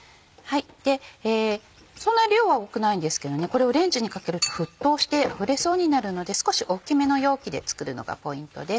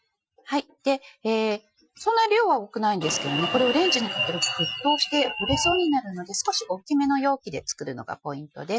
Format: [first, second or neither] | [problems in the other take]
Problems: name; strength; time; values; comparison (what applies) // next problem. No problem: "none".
first | noise reduction (classical method Wiener filter)